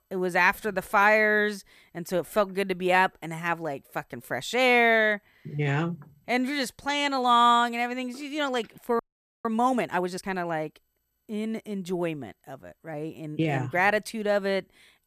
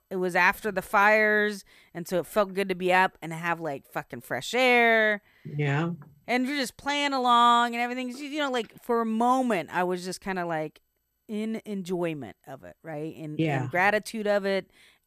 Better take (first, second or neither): second